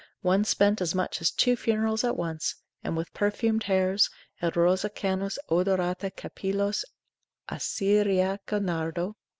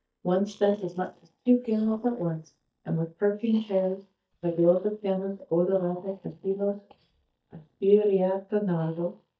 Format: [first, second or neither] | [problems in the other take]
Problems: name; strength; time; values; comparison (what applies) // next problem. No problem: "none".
first | noise reduction (neural mask model DeepFilterNet 3)